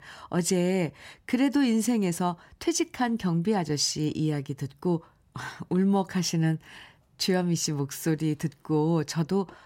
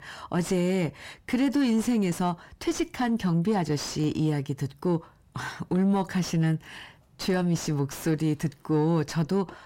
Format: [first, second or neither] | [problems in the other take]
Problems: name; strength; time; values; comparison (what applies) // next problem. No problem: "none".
first | distortion; slight; 10 dB below the speech